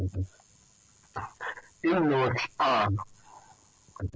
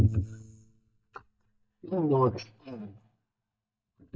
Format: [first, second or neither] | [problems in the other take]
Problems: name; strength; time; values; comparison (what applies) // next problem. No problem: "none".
first | noise reduction (neural mask model DeepFilterNet 3)